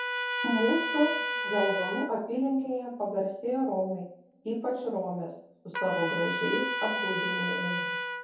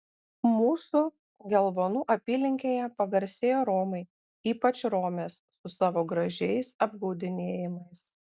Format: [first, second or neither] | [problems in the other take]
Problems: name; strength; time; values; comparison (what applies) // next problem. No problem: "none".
second | background sound (Trumpet); 3 dB below the speech // room echo; dies away in 0.6 s